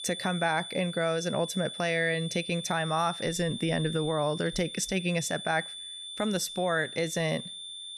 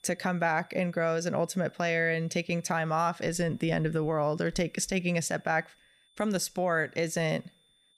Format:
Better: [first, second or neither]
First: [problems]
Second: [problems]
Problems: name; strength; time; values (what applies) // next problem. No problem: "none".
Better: second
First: high-pitched whine; loud; throughout; 3.5 kHz, 8 dB below the speech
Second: high-pitched whine; faint; throughout; 3.5 kHz, 35 dB below the speech